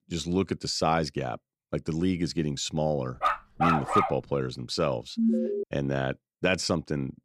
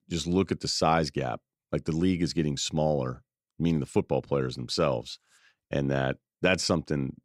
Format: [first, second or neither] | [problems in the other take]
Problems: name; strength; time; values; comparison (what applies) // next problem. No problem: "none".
second | dog barking; loud; at 3 s; peak 5 dB above the speech // alarm; loud; at 5 s; peak 3 dB above the speech